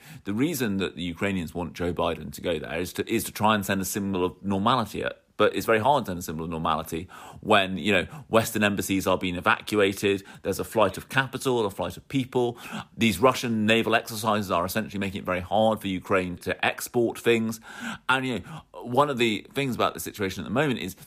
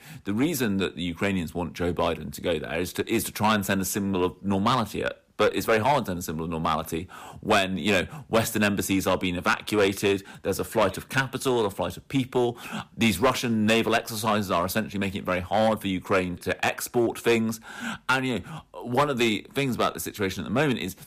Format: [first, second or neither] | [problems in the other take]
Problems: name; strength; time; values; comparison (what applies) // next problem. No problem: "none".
first | distortion; slight; 3% of the sound clipped